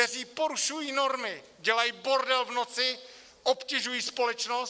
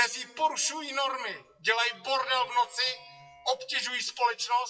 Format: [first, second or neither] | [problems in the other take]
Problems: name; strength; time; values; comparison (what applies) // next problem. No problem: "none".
first | noise reduction (classical method WPE with log-MMSE)